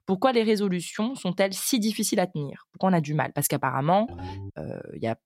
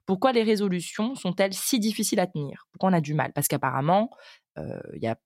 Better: second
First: phone ringing; faint; at 4 s; peak 10 dB below the speech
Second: none

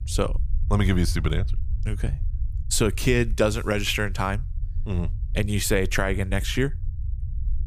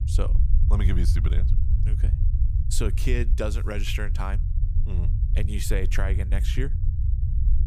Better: first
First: low rumble; faint; throughout; 25 dB below the speech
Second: low rumble; loud; throughout; 9 dB below the speech

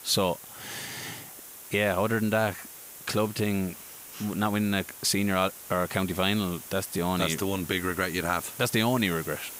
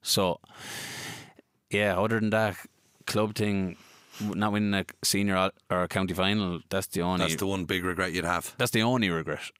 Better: second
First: hiss; noticeable; throughout; 15 dB below the speech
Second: none

